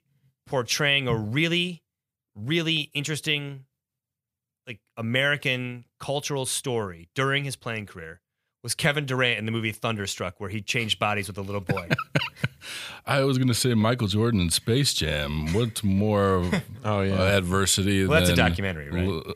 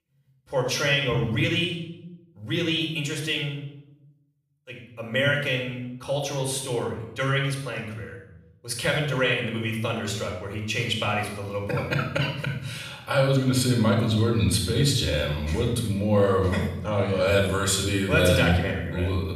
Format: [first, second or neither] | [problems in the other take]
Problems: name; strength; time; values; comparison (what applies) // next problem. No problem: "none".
first | off-mic speech; far // room echo; noticeable; dies away in 0.8 s